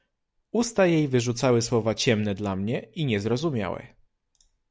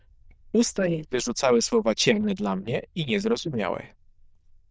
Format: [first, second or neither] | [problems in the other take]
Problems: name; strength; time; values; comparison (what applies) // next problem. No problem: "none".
first | noise reduction (neural diffusion model UNIVERSE++)